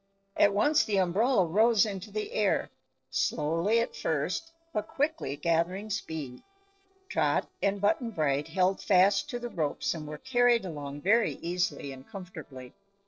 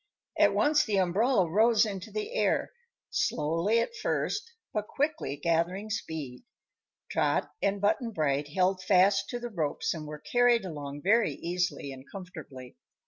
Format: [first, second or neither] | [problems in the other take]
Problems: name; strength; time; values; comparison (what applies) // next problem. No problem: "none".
second | noise reduction (neural separator model SepFormer DNS4)